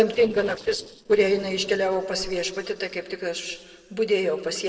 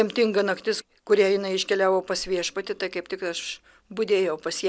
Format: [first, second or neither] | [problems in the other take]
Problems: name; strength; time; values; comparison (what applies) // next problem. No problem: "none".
second | noise reduction (neural separator model SepFormer DNS4)